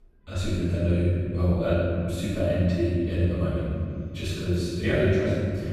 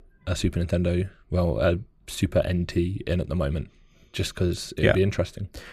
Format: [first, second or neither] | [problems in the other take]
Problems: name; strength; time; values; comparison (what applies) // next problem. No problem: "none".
second | room echo; strong; dies away in 2.4 s // off-mic speech; far